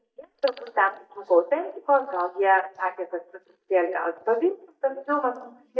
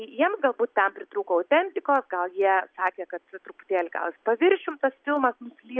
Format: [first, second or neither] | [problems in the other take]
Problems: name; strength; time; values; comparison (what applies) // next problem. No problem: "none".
second | noise reduction (neural mask model DeepFilterNet 3)